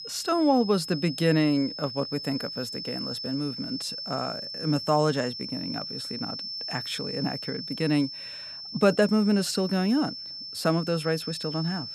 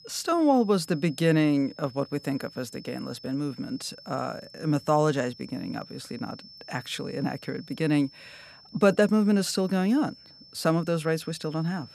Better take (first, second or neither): second